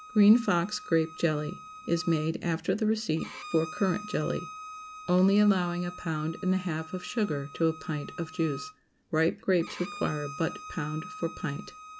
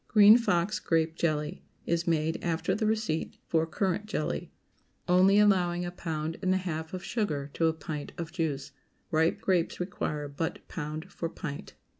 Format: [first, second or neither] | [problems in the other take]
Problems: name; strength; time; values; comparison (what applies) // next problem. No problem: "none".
second | background sound (Bowed string instrument); 16 dB below the speech